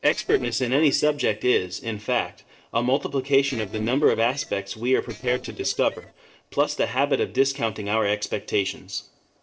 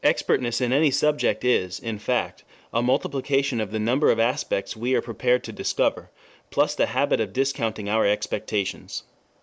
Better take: second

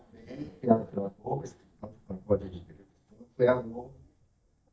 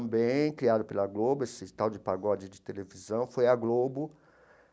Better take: second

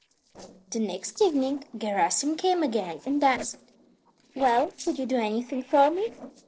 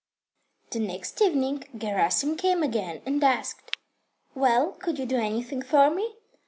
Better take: second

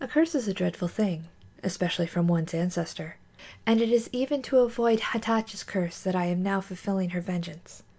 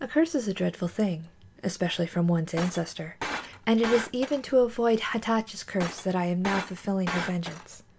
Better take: first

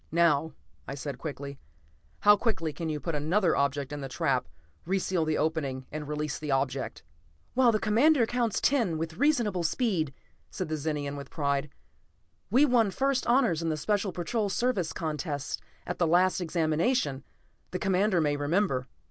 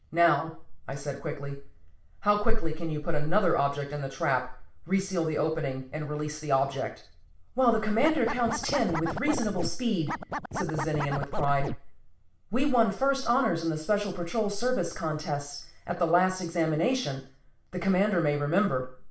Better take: first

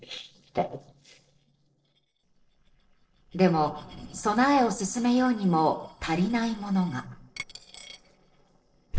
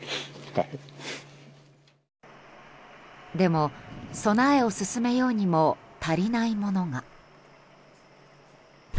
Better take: second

